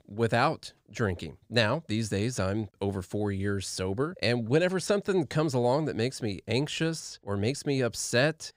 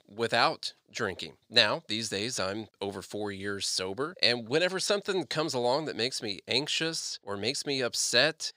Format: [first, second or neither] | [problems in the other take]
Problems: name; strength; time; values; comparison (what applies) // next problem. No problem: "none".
first | thin; somewhat; fading below 550 Hz